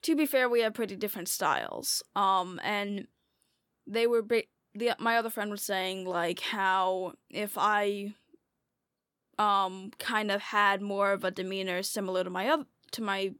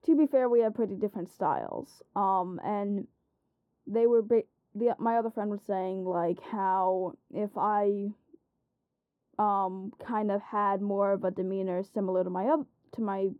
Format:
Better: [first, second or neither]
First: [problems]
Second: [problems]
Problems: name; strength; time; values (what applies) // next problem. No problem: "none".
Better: first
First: none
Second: muffled; very; fading above 1.5 kHz